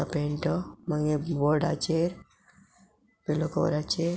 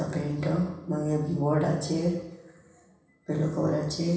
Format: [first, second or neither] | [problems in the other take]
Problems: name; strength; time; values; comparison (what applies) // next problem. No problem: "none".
first | room echo; dies away in 0.9 s